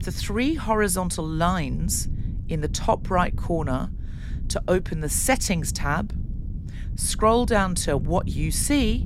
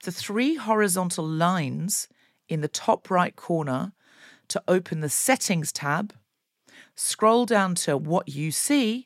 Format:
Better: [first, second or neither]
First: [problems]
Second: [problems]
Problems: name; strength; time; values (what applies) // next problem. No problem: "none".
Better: second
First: wind noise on the microphone; occasional gusts; 20 dB below the speech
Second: none